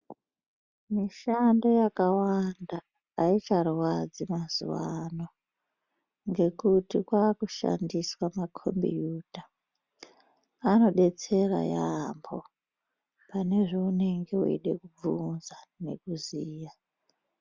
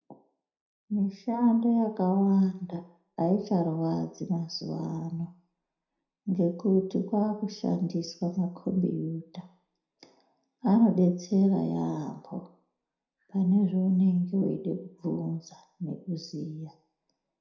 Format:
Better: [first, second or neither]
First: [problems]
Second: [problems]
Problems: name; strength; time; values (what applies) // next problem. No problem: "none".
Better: first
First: none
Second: room echo; dies away in 0.4 s